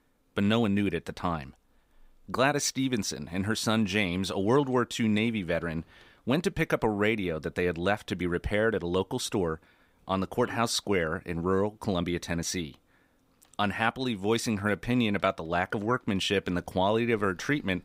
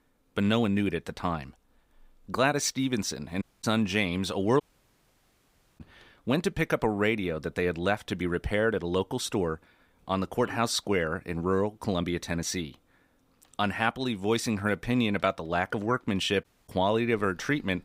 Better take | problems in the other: first | audio cutting out; at 3.5 s, at 4.5 s for 1 s and at 16 s

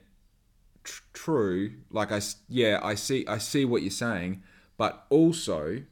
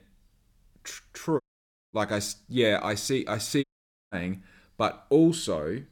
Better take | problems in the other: first | audio cutting out; at 1.5 s for 0.5 s and at 3.5 s

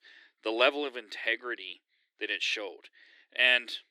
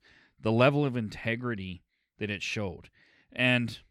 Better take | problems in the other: second | thin; very; fading below 300 Hz

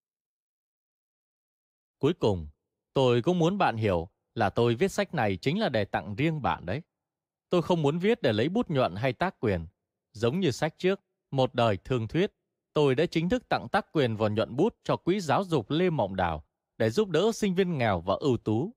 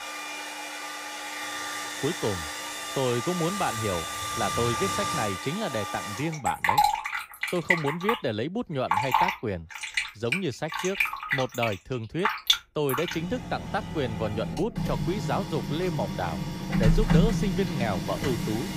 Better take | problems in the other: first | household noises; very loud; throughout; 1 dB above the speech

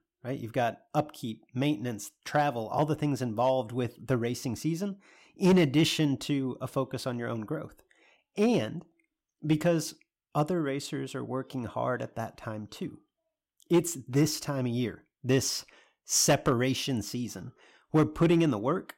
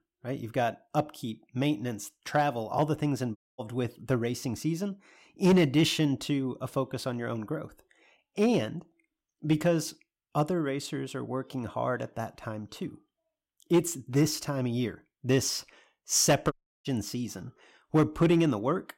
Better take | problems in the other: first | audio cutting out; at 3.5 s and at 17 s

